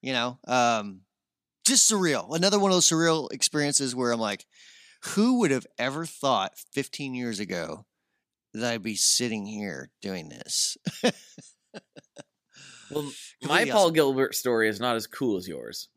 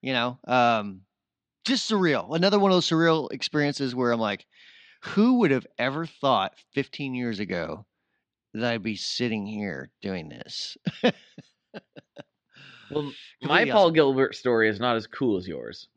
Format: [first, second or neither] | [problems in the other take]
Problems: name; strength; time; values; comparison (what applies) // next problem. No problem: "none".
first | muffled; slightly; fading above 4 kHz